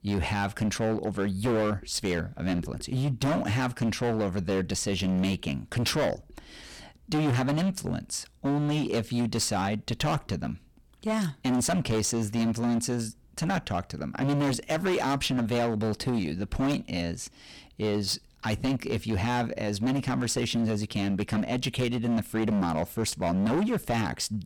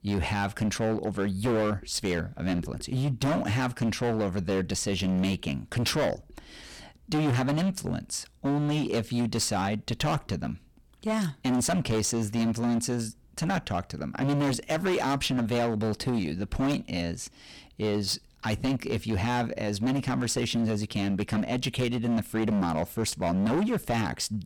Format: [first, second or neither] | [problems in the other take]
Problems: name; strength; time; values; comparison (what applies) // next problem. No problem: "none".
neither | distortion; heavy; 18% of the sound clipped; the same in both